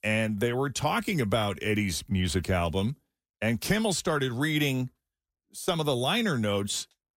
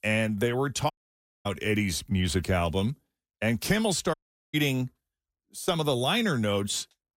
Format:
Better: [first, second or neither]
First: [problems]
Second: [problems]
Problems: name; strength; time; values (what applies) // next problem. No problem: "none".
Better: first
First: none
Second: audio cutting out; at 1 s for 0.5 s and at 4 s